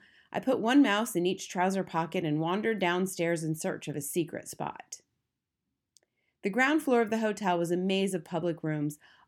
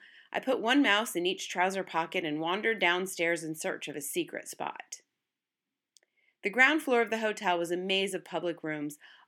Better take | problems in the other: first | thin; very slightly; fading below 300 Hz

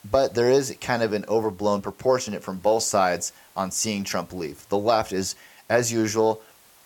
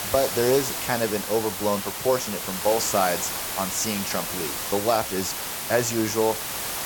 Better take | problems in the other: first | hiss; loud; throughout; 3 dB below the speech; faint in the first

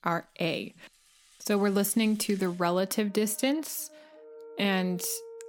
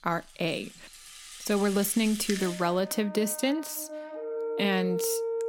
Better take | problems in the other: first | background music; loud; throughout; 8 dB below the speech; faint in the first

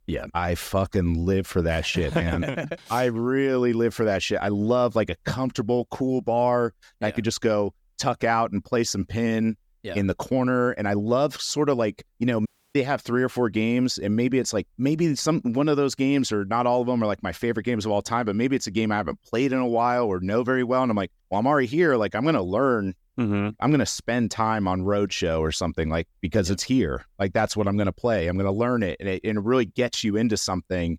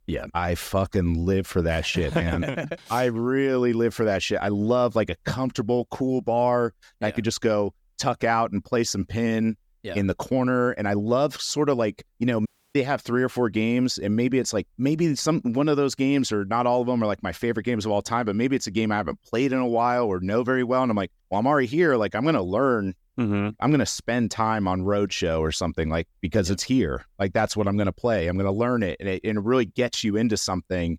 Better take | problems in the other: neither | audio cutting out; at 12 s; the same in both

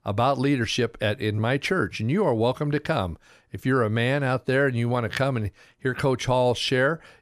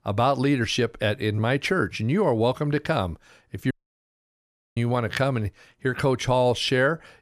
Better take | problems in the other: first | audio cutting out; at 3.5 s for 1 s

